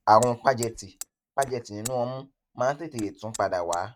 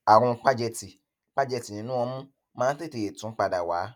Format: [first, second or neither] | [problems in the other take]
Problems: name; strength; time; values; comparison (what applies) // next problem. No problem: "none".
second | noise reduction (neural mask model RNNoise)